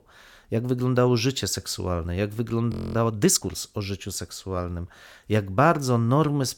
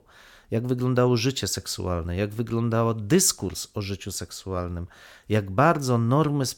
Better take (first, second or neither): second